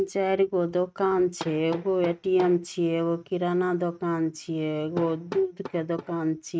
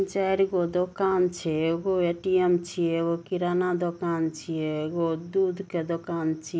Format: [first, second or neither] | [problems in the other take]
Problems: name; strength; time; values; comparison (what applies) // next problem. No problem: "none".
second | noise reduction (neural mask model RNNoise)